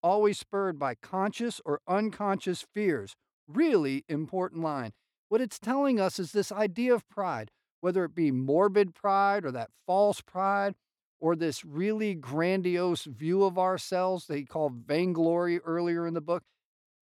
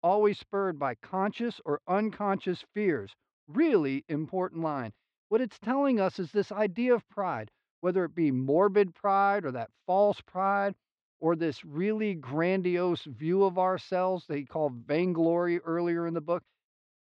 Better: first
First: none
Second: muffled; slightly; fading above 3.5 kHz

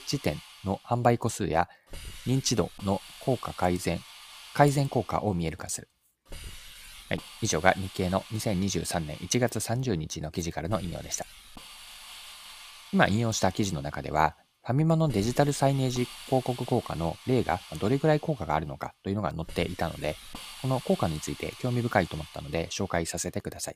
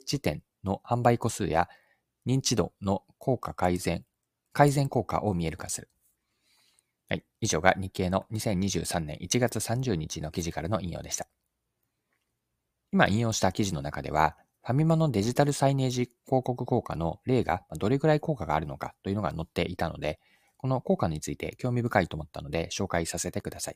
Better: second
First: hiss; noticeable; throughout; 15 dB below the speech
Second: none

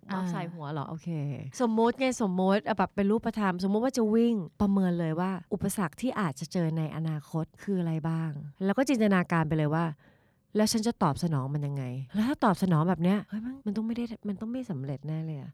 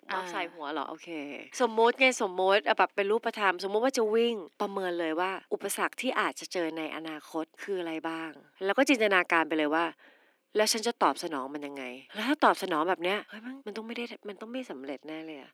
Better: first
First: none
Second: thin; somewhat; fading below 300 Hz

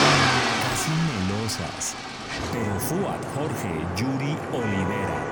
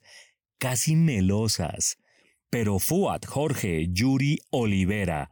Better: second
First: traffic noise; very loud; throughout; 2 dB above the speech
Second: none

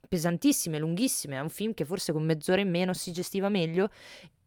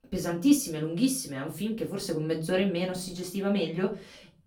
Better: first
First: none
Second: off-mic speech; far // room echo; very slight; dies away in 0.3 s

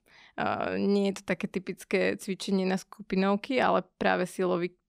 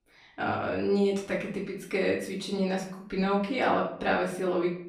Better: first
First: none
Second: off-mic speech; far // room echo; slight; dies away in 0.5 s

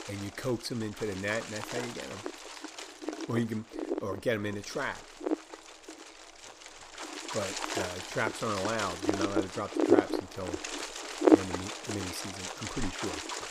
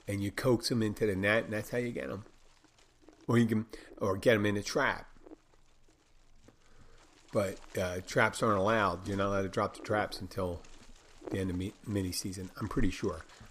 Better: second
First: wind noise on the microphone; heavy; 2 dB above the speech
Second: wind noise on the microphone; occasional gusts; 25 dB below the speech

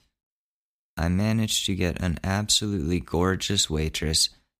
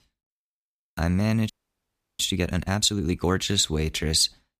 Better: first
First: none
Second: audio freezing; at 1.5 s for 0.5 s

